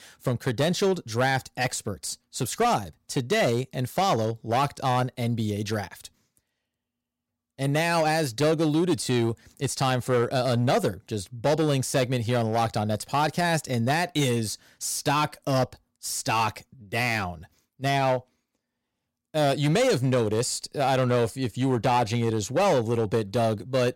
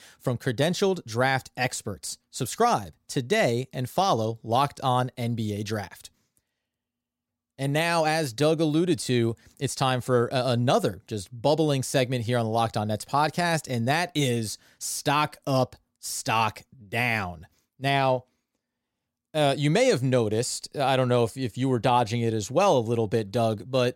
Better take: second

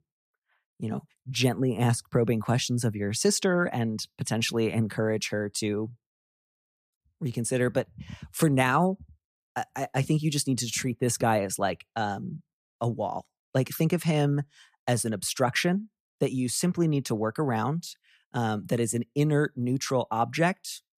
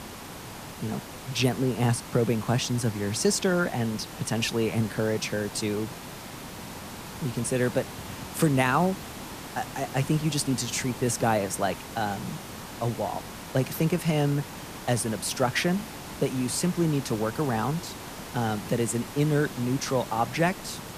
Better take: first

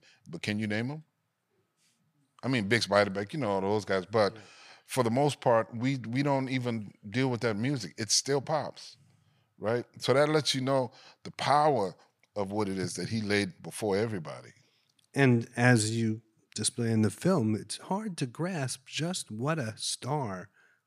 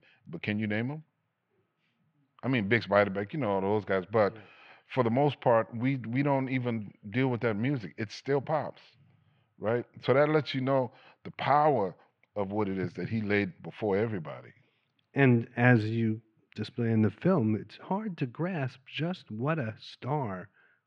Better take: first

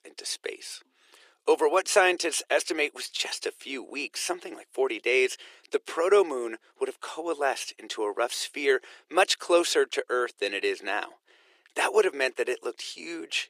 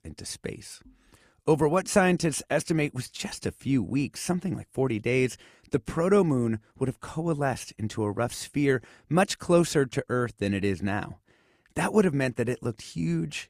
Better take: second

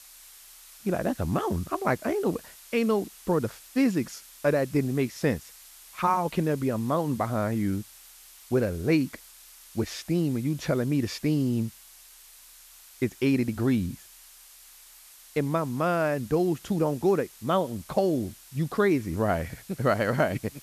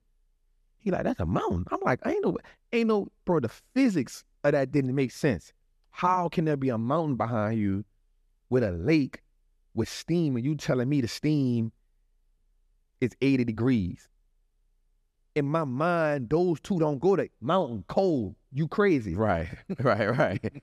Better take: second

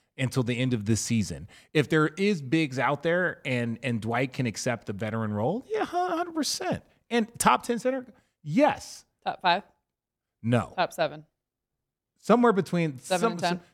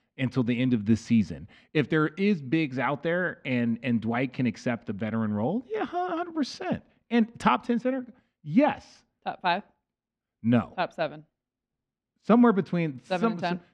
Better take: first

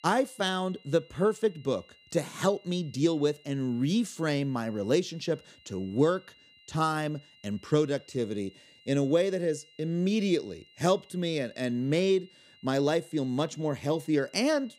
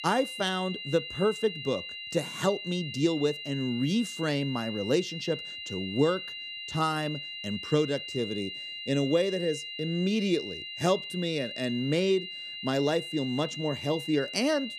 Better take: first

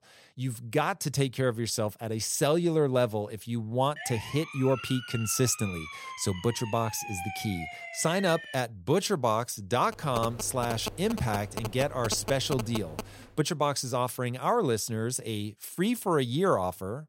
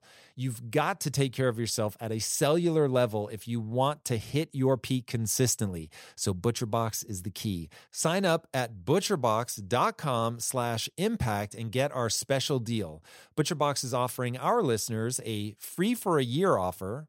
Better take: second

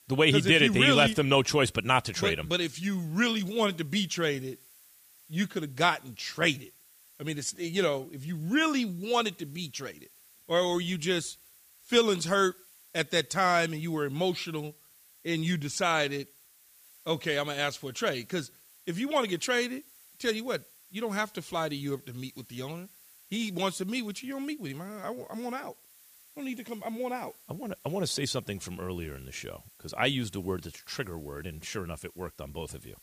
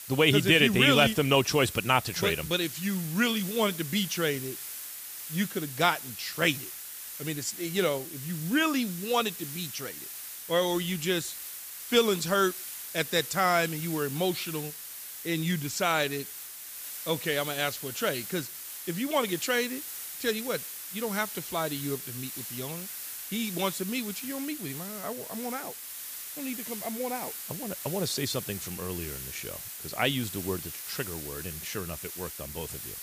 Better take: first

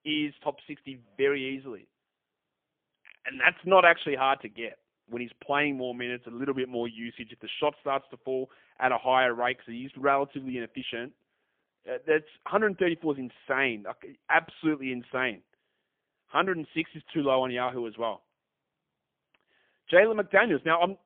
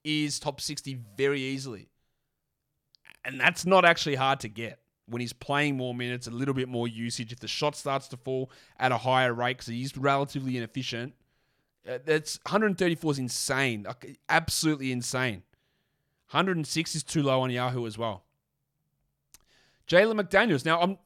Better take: second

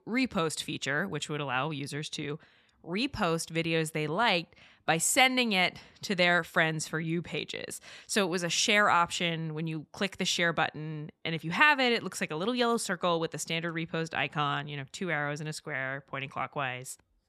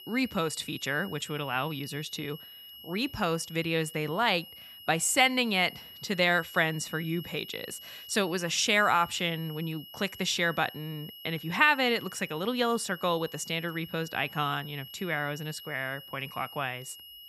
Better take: first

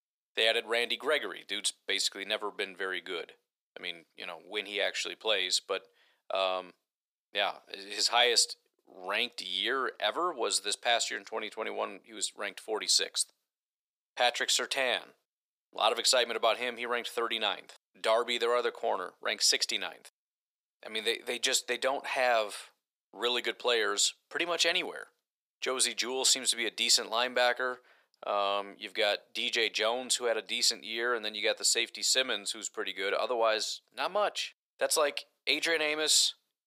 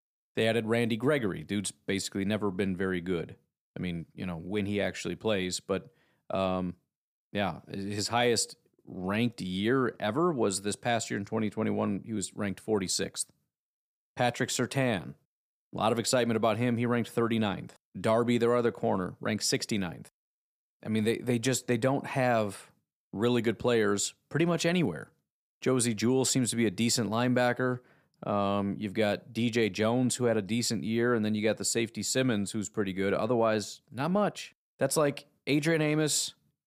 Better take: second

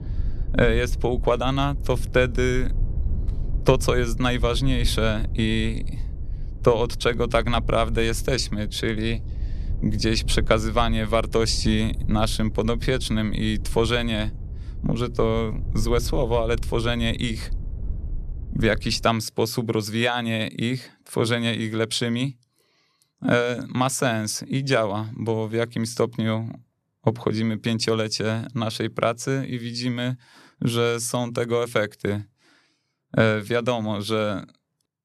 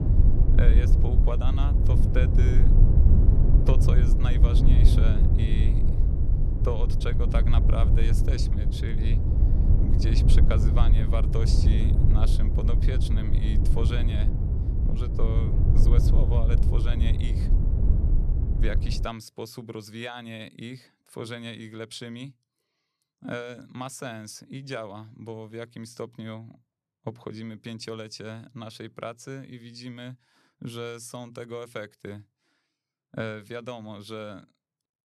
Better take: first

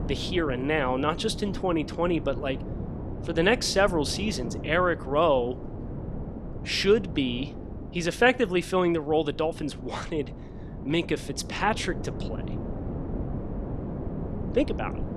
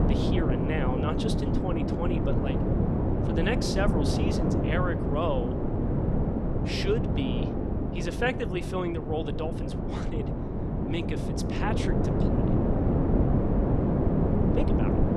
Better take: first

